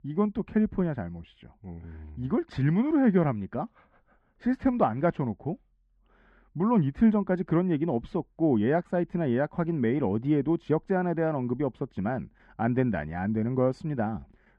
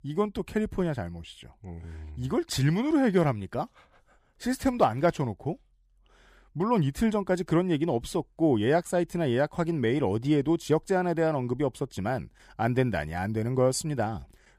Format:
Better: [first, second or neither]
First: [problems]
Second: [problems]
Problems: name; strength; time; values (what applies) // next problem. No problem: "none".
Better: second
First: muffled; very; fading above 1.5 kHz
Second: none